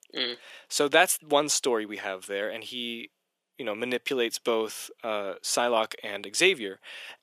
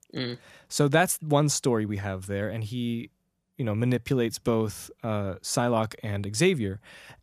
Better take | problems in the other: second | thin; somewhat; fading below 350 Hz

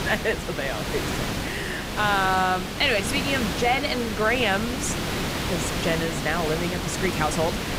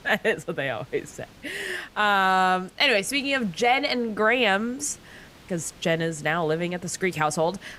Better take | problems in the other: second | hiss; loud; throughout; 3 dB below the speech; faint in the second

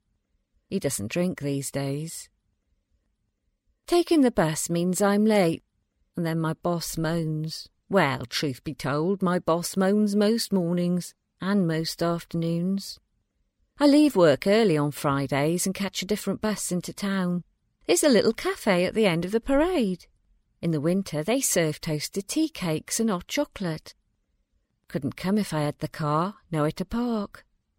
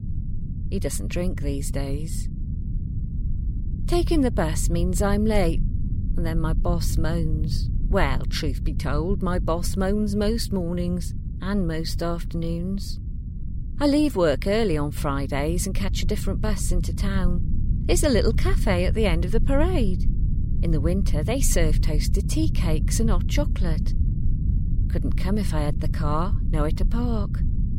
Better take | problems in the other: first | low rumble; noticeable; throughout; 15 dB below the speech

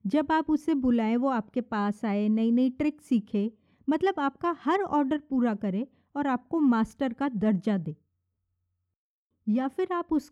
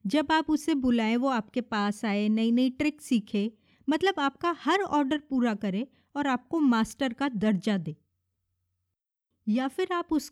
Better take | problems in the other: second | muffled; slightly; fading above 2 kHz

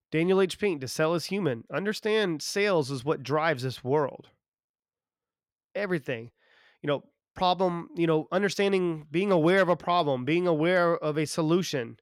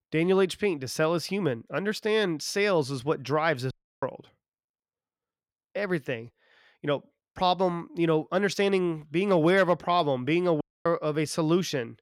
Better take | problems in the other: first | audio cutting out; at 3.5 s and at 11 s

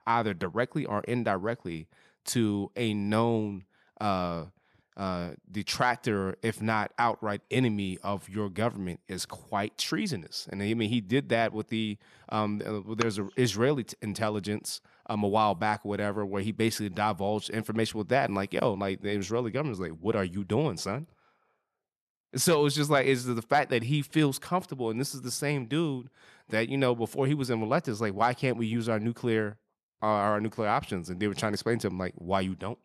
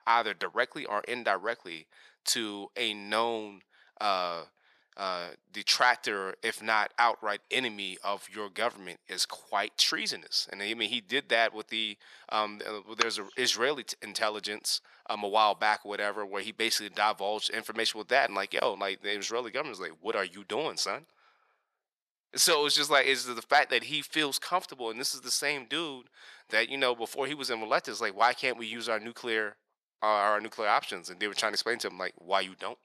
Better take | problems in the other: first | thin; very; fading below 550 Hz

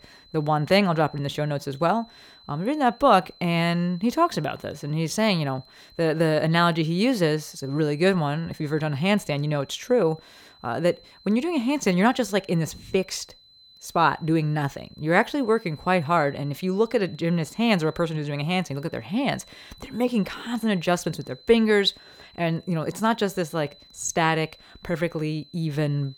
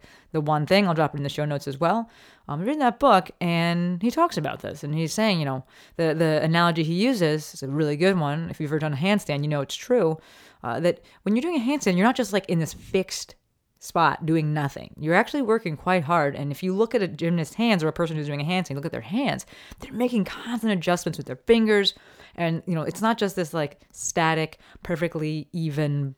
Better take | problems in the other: second | high-pitched whine; faint; throughout; 4 kHz, 25 dB below the speech

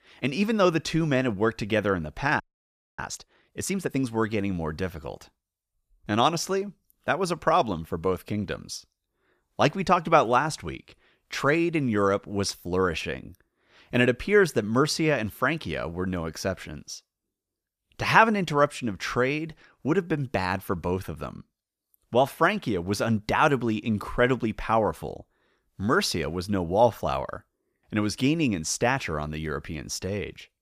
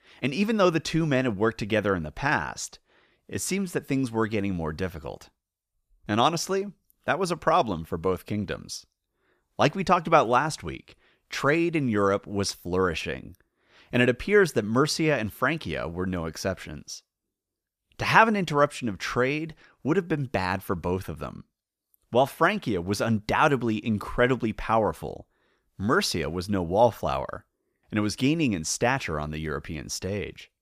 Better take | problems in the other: second | audio freezing; at 2.5 s for 0.5 s

